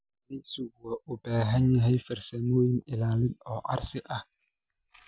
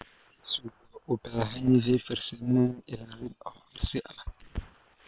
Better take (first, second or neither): first